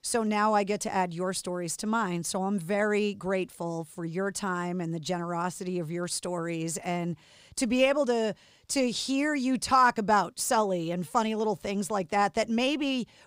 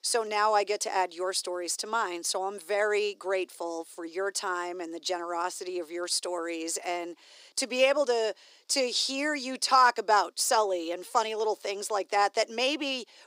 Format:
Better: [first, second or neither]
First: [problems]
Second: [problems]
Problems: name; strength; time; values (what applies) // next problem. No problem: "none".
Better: first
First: none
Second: thin; somewhat; fading below 300 Hz